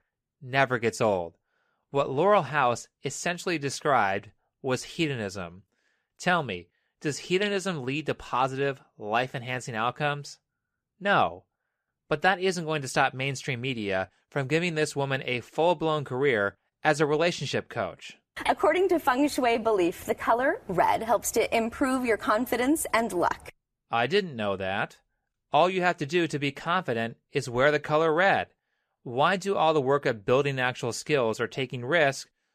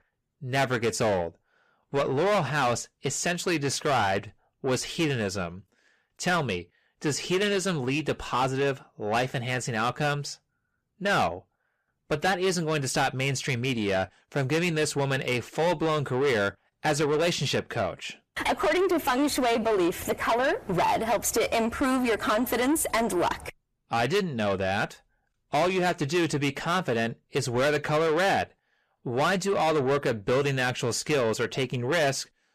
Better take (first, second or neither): first